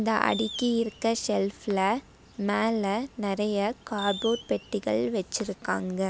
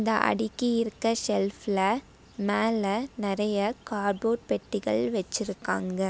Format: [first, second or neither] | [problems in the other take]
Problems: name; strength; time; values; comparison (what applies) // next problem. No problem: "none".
second | background sound (Fireworks); 15 dB below the speech